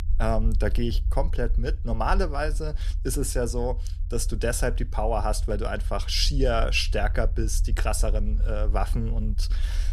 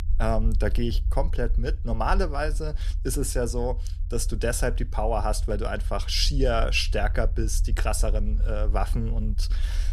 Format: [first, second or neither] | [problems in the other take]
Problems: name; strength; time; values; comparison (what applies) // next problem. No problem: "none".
neither | low rumble; faint; throughout; 20 dB below the speech; the same in both